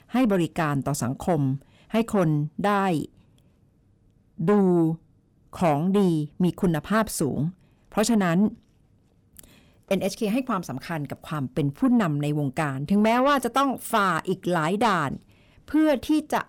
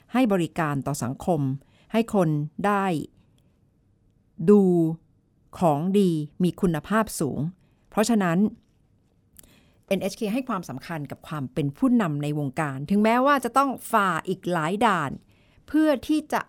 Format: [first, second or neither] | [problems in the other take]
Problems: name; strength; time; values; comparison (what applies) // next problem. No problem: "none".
second | distortion; slight; 10 dB below the speech